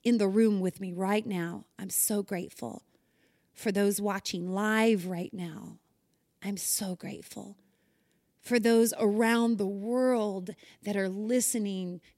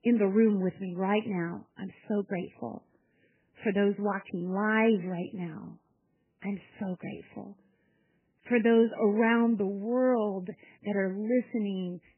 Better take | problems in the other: first | garbled, watery; badly; nothing above 3 kHz

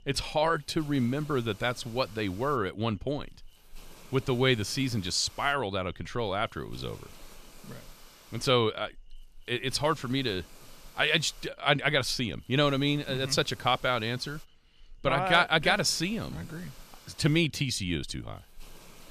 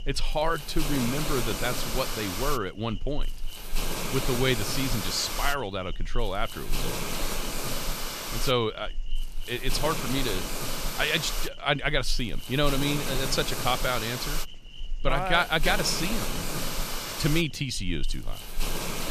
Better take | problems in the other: first | hiss; loud; throughout; 4 dB below the speech; faint in the first

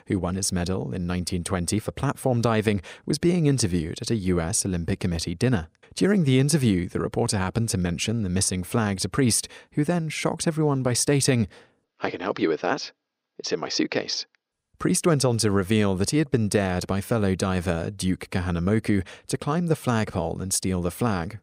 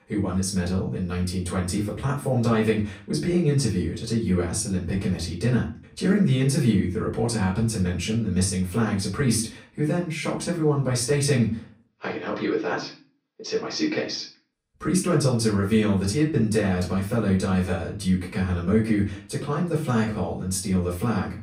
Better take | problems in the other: first | off-mic speech; far // room echo; slight; dies away in 0.3 s

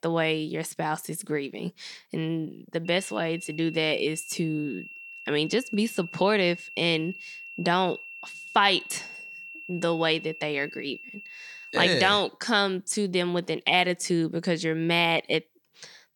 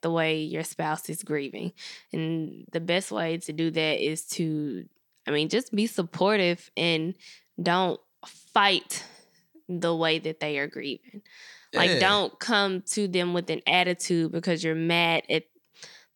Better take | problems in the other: second | high-pitched whine; noticeable; from 3 to 12 s; 2.5 kHz, 15 dB below the speech

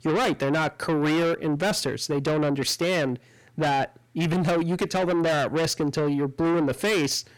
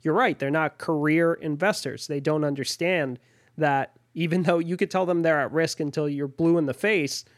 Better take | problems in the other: second | distortion; heavy; 6 dB below the speech

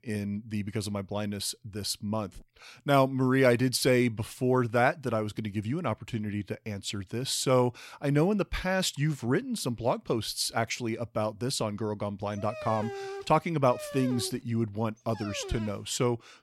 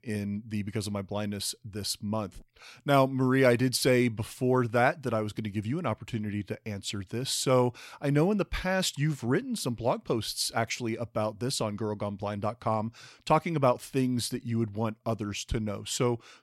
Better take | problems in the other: second | dog barking; noticeable; from 12 to 16 s; peak 8 dB below the speech

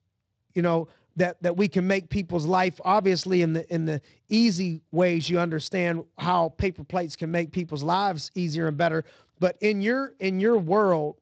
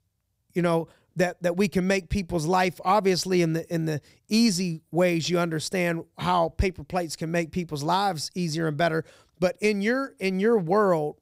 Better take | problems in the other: second | garbled, watery; slightly

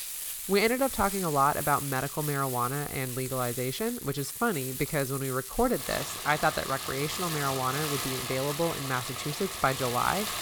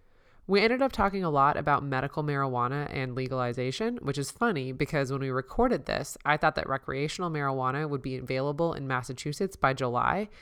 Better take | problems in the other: second | household noises; loud; throughout; 4 dB below the speech

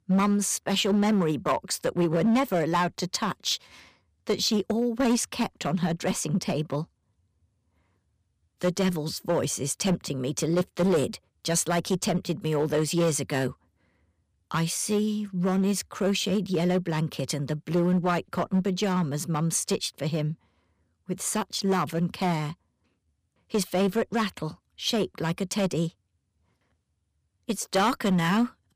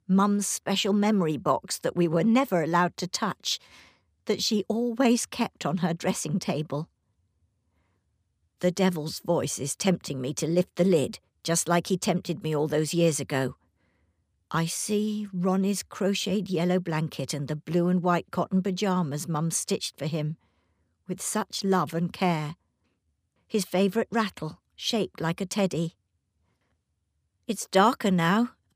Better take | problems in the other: second | distortion; slight; 5% of the sound clipped

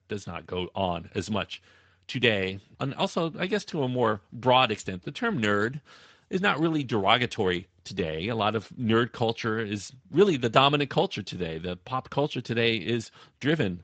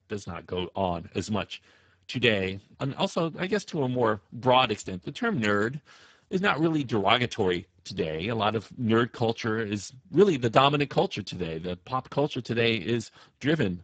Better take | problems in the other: first | garbled, watery; badly; nothing above 7.5 kHz; slightly in the first

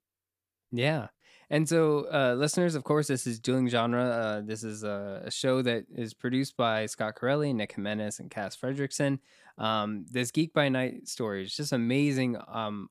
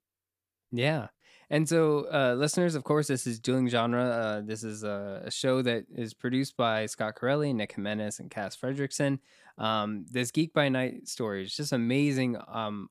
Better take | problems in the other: neither | none

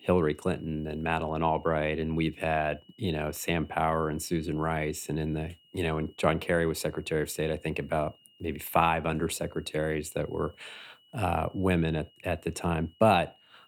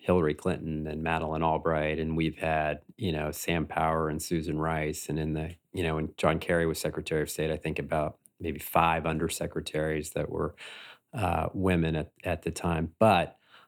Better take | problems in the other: second | high-pitched whine; faint; throughout; 3 kHz, 30 dB below the speech

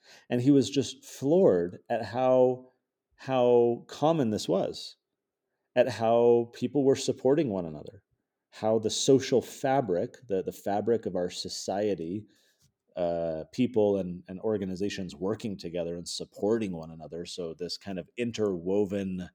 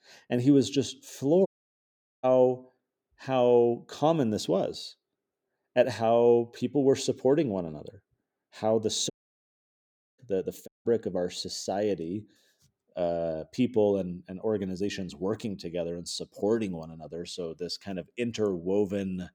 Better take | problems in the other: first | audio cutting out; at 1.5 s for 1 s, at 9 s for 1 s and at 11 s

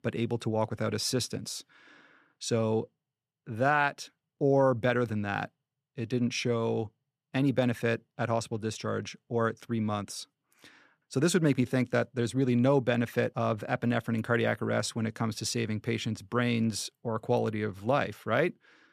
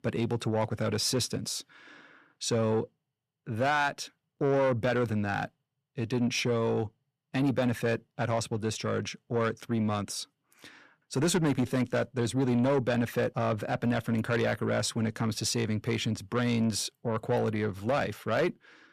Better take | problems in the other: first | distortion; slight; 10 dB below the speech

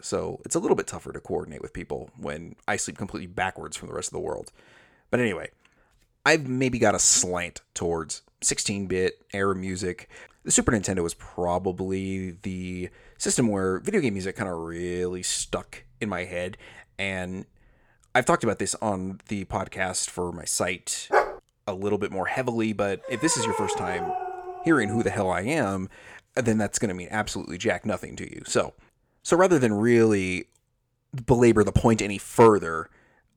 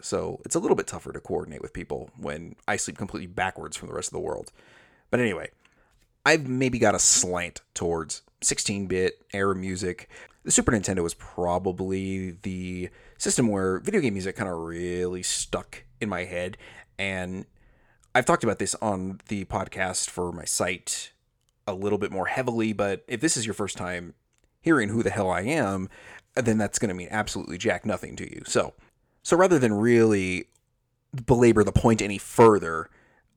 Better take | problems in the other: second | dog barking; loud; at 21 s; peak 2 dB above the speech // dog barking; noticeable; from 23 to 25 s; peak 3 dB below the speech

